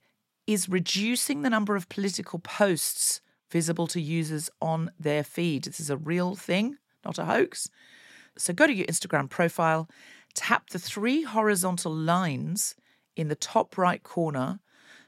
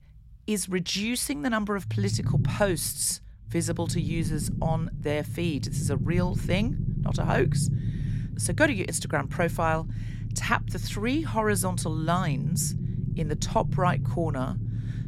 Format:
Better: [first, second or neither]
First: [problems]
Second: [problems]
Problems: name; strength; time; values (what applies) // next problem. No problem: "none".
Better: first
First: none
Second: low rumble; noticeable; throughout; 10 dB below the speech